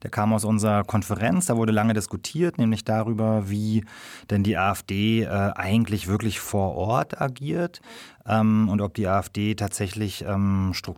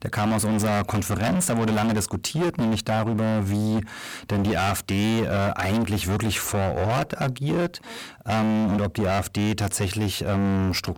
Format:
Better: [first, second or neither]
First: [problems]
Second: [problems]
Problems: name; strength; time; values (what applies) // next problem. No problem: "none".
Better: first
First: none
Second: distortion; heavy; 33% of the sound clipped